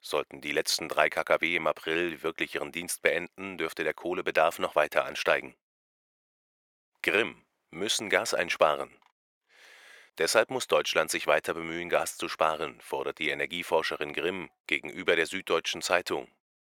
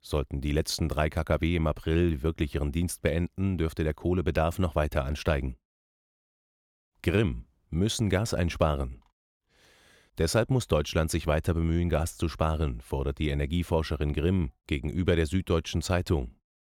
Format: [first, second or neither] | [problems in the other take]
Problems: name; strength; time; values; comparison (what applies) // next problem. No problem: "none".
second | thin; very; fading below 550 Hz